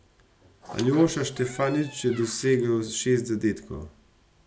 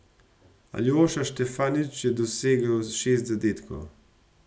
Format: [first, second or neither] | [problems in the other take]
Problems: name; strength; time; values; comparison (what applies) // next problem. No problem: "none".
second | background sound (Squeak); 18 dB below the speech